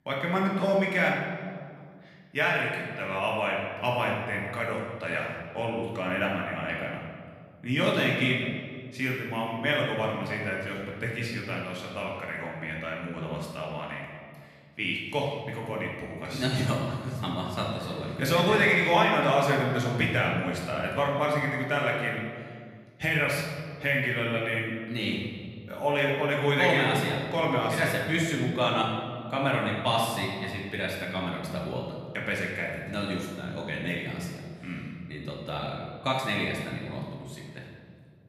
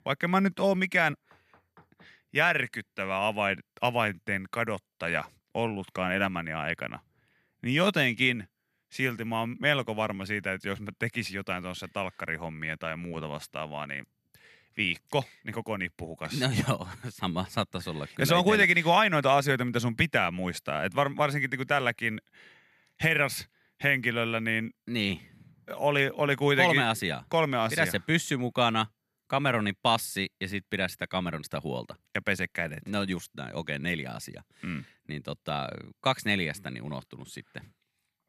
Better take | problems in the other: second | room echo; noticeable; dies away in 1.8 s // off-mic speech; far

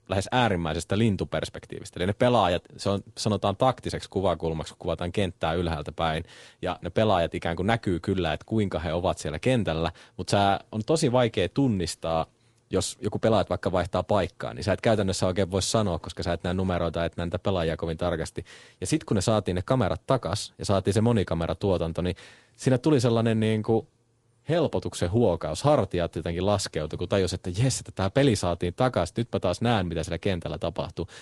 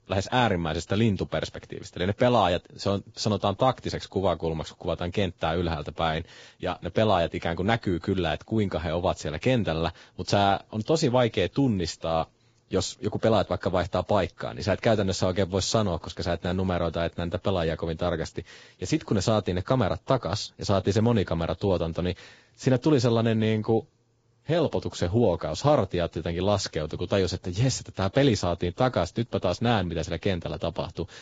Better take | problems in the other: first | garbled, watery; badly; nothing above 7.5 kHz; slightly in the first

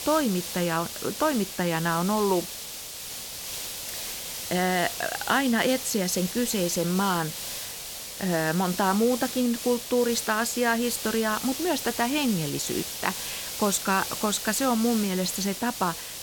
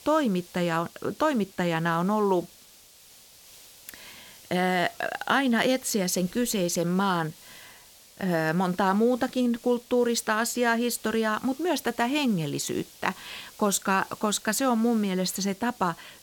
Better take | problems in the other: second | hiss; loud; throughout; 7 dB below the speech; faint in the second

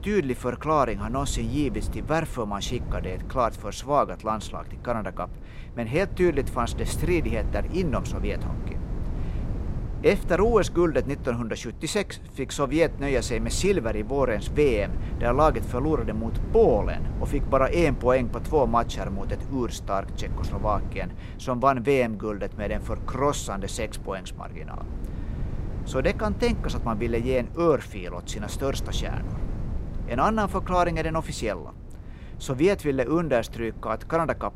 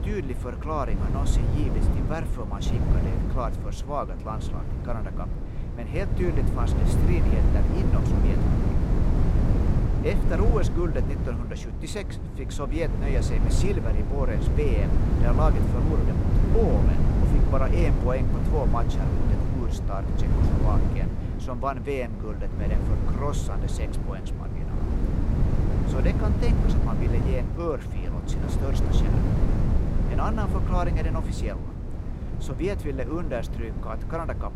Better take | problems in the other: first | wind noise on the microphone; heavy; 3 dB below the speech; occasional gusts in the first

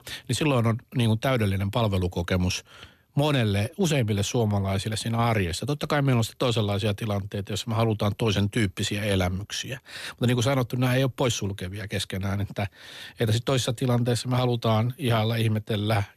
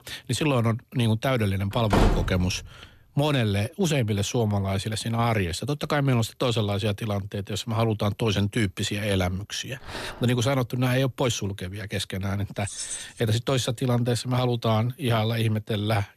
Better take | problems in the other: first | door banging; loud; at 2 s; peak 3 dB above the speech // dog barking; faint; at 10 s; peak 10 dB below the speech // jangling keys; noticeable; at 13 s; peak 6 dB below the speech

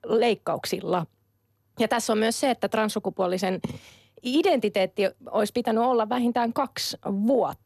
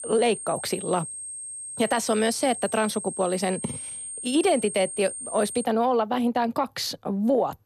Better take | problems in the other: first | high-pitched whine; loud; until 5.5 s; 8.5 kHz, 8 dB below the speech

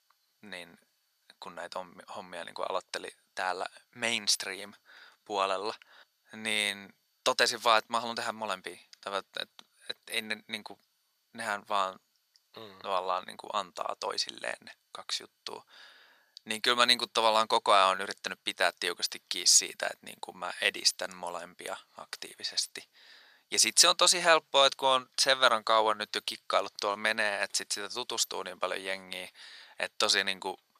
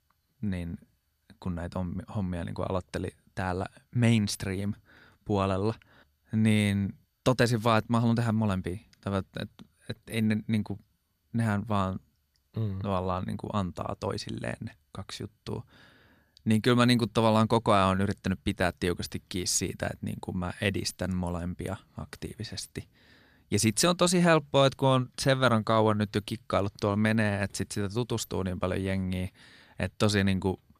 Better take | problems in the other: second | thin; very; fading below 750 Hz

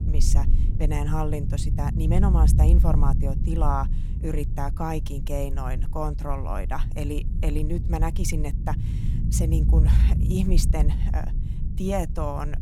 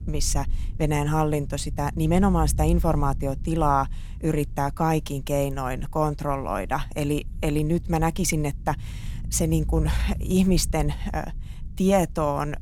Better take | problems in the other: second | low rumble; loud; throughout; 8 dB below the speech; faint in the second

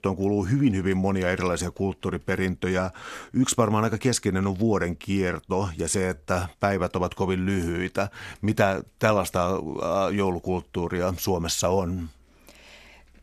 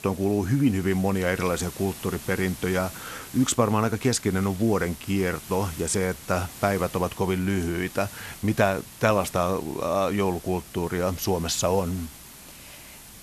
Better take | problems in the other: first | hiss; noticeable; throughout; 15 dB below the speech

